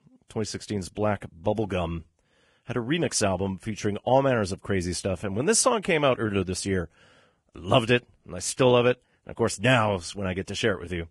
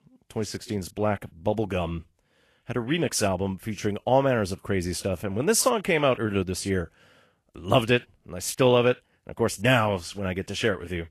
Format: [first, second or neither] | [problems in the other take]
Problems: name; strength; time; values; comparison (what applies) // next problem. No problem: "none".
second | garbled, watery; badly; nothing above 10.5 kHz; slightly in the second